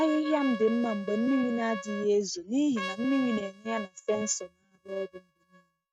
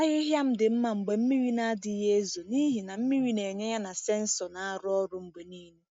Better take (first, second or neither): second